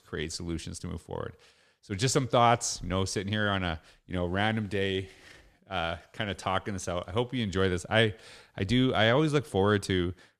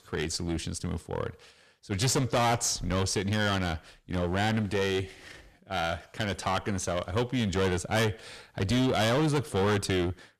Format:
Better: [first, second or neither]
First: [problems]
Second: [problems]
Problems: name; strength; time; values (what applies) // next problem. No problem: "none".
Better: first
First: none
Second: distortion; heavy; 12% of the sound clipped